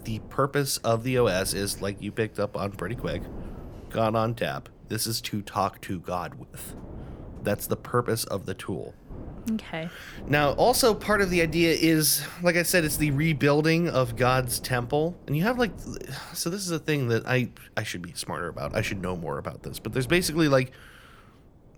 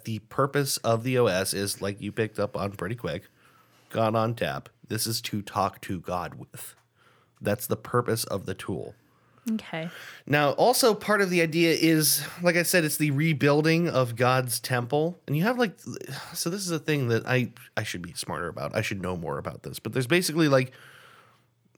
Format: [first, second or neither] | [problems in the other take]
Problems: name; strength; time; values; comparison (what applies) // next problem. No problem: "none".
second | wind noise on the microphone; occasional gusts; 25 dB below the speech